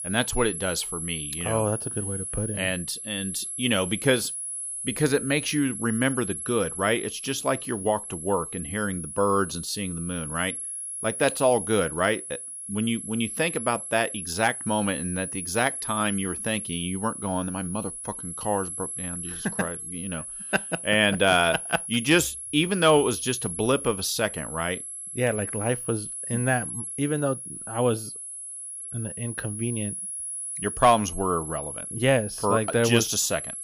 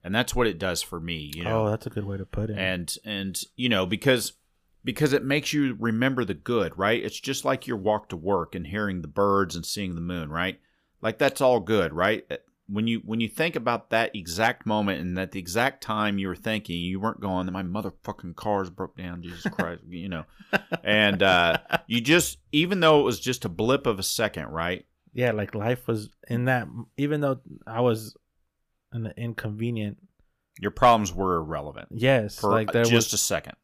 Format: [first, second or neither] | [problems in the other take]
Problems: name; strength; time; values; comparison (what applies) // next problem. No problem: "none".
second | high-pitched whine; loud; throughout; 11 kHz, 6 dB below the speech